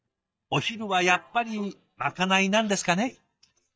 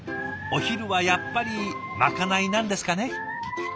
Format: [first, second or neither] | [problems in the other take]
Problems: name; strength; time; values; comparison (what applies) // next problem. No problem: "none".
second | noise reduction (neural mask model DeepFilterNet 3)